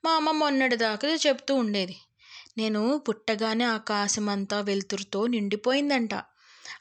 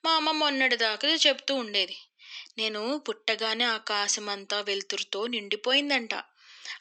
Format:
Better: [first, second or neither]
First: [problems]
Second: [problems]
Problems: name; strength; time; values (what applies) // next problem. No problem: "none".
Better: first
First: none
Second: thin; very slightly; fading below 250 Hz